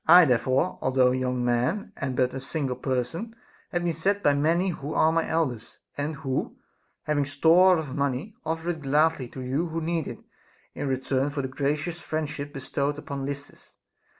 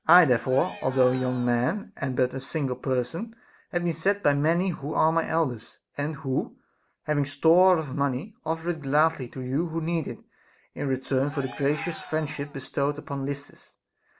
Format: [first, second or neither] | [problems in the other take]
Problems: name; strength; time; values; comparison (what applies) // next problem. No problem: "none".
first | background sound (Cheering); 17 dB below the speech